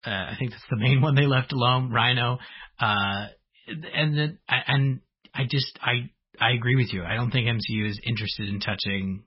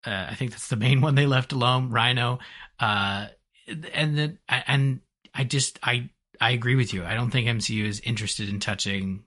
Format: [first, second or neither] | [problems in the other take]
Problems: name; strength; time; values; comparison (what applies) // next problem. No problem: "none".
second | garbled, watery; badly; nothing above 5.5 kHz; slightly in the second